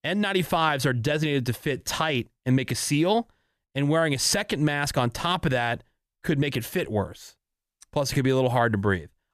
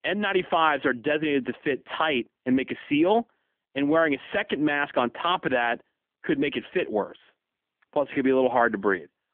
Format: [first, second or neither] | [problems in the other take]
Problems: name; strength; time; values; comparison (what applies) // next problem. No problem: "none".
first | phone-call audio; nothing above 3.5 kHz